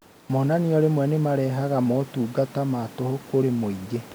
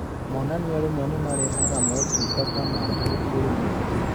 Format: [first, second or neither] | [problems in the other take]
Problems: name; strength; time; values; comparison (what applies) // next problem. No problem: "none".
first | background sound (Chirp, tweet); 3 dB above the speech